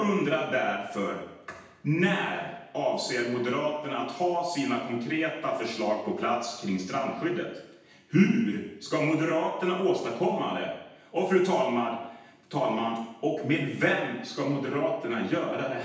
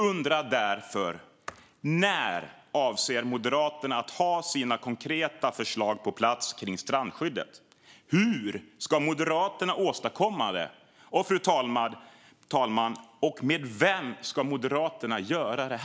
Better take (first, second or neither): second